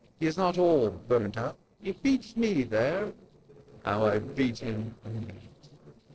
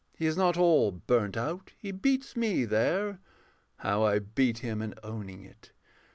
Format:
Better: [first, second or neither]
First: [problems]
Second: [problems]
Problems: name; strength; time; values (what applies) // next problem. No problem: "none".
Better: second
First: noise reduction (neural separator model SepFormer DNS4)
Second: none